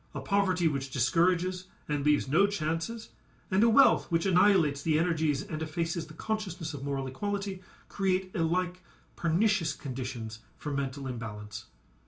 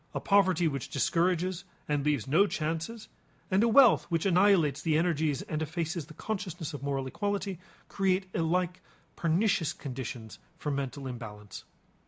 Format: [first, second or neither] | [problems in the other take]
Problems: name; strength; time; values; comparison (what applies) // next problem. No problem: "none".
second | room echo; dies away in 0.2 s